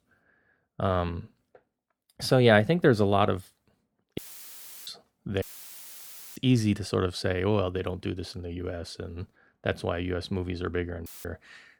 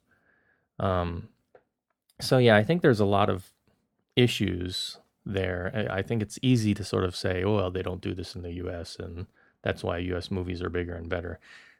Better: second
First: audio cutting out; filled with static; at 4 s for 0.5 s, at 5.5 s for 1 s and at 11 s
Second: none

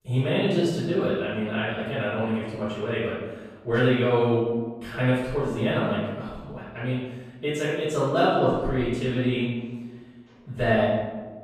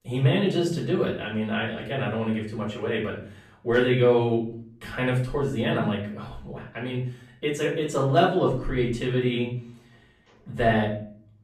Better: second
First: room echo; strong; dies away in 1.2 s // off-mic speech; far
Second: room echo; slight; dies away in 0.5 s // off-mic speech; far

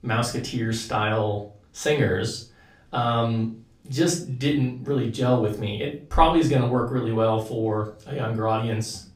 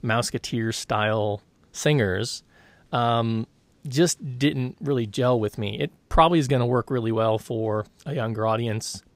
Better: second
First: off-mic speech; far // room echo; slight; dies away in 0.3 s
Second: none

